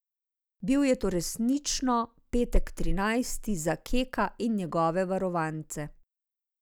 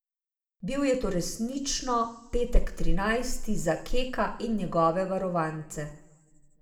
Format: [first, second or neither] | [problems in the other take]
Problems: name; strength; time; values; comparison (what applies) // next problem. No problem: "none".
first | room echo; dies away in 1 s